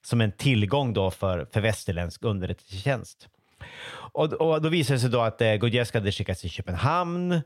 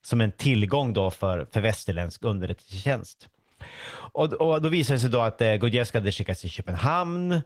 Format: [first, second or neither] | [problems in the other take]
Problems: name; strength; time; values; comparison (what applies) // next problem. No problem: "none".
first | garbled, watery; slightly; nothing above 16 kHz